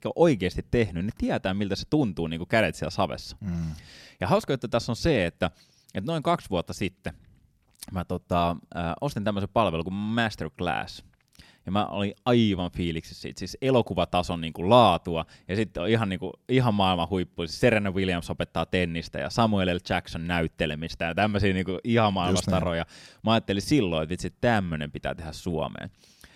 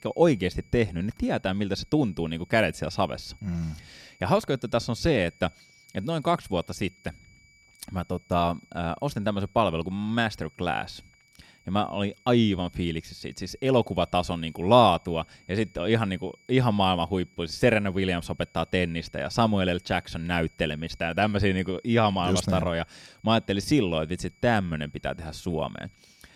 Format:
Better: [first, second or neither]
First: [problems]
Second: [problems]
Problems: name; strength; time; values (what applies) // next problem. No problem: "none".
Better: first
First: none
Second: high-pitched whine; faint; throughout; 2.5 kHz, 30 dB below the speech